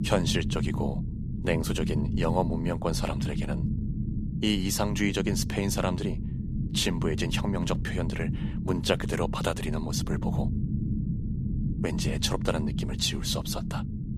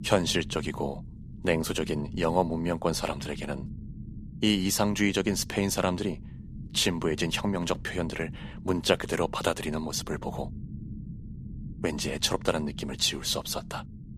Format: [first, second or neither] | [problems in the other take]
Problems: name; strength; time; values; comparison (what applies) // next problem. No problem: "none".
second | low rumble; loud; throughout; 9 dB below the speech; faint in the second